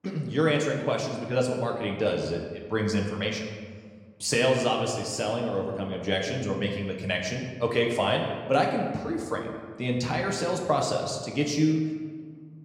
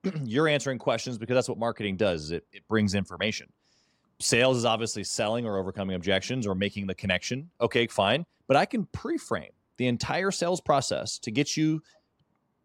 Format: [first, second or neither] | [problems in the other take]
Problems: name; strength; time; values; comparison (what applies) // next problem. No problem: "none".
second | room echo; slight; dies away in 1.3 s // off-mic speech; somewhat distant